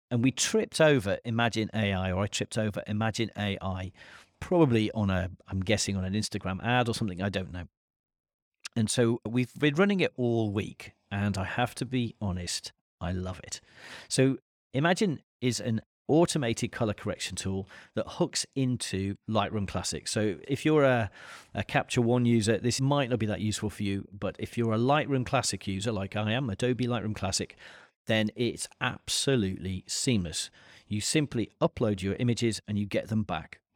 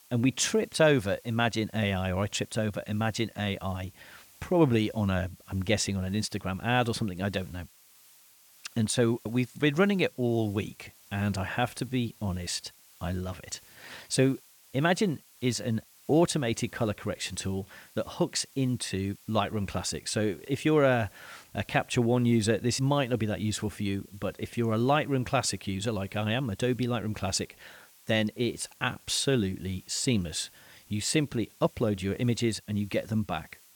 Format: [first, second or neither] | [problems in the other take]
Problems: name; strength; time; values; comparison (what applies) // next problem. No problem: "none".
first | hiss; faint; throughout; 25 dB below the speech